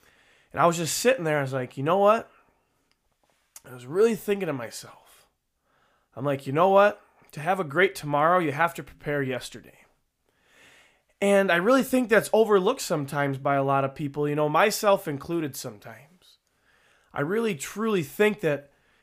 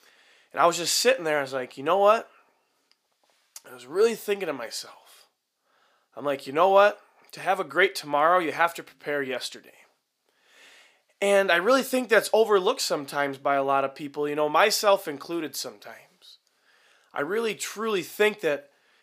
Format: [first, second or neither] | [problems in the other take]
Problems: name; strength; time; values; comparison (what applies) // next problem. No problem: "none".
first | thin; very slightly; fading below 350 Hz